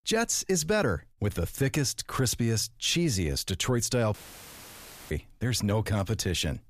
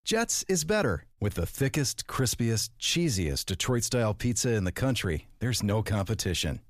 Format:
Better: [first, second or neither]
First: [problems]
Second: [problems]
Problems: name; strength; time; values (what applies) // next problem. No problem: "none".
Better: second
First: audio cutting out; filled with static; at 4 s for 1 s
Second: none